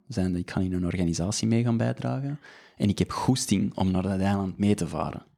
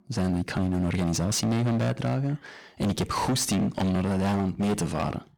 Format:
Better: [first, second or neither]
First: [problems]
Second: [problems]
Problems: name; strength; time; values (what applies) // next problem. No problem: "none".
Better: first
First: none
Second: distortion; heavy; 26% of the sound clipped